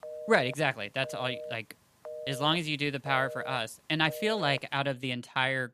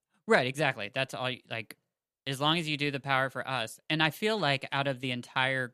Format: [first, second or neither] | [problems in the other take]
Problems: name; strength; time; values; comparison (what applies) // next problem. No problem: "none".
second | phone ringing; faint; until 4.5 s; peak 10 dB below the speech